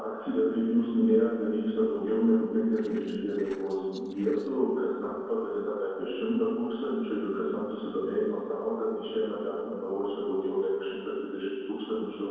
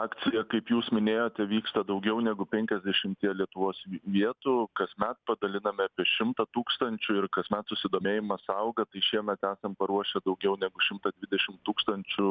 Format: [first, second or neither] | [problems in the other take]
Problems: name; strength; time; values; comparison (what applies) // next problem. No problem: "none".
second | noise reduction (neural separator model SepFormer DNS4)